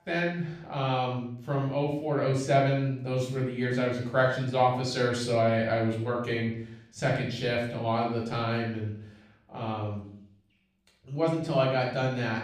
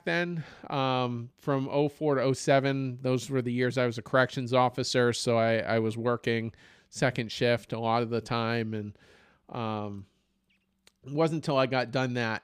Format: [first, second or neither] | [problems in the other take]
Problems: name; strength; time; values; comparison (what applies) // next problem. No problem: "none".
second | off-mic speech; far // room echo; noticeable; dies away in 0.6 s